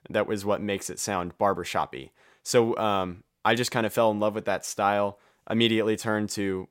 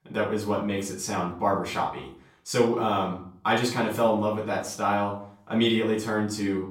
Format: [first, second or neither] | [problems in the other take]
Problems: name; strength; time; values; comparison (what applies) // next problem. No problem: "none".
first | off-mic speech; far // room echo; slight; dies away in 0.4 s